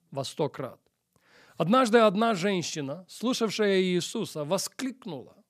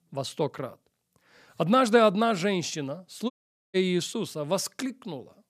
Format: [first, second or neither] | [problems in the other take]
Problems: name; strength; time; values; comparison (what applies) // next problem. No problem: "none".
first | audio cutting out; at 3.5 s